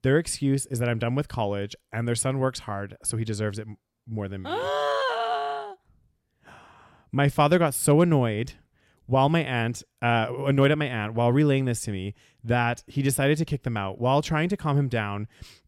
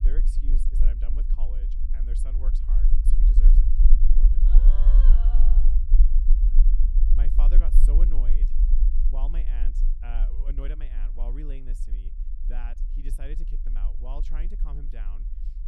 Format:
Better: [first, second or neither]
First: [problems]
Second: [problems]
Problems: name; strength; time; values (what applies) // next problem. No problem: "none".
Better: first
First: none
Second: low rumble; loud; throughout; 1 dB below the speech